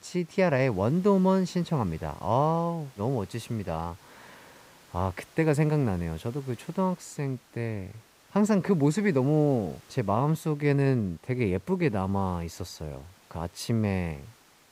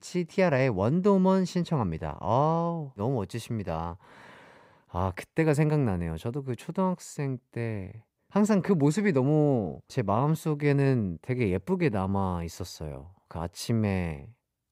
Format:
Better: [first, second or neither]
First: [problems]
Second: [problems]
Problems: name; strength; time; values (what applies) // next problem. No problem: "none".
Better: second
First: hiss; faint; throughout; 25 dB below the speech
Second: none